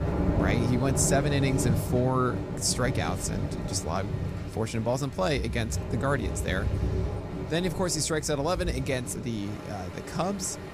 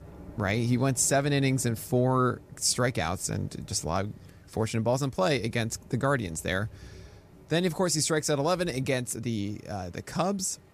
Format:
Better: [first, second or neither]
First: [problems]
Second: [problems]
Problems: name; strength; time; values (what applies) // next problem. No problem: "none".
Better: second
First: rain or running water; loud; throughout; 3 dB below the speech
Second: rain or running water; faint; throughout; 25 dB below the speech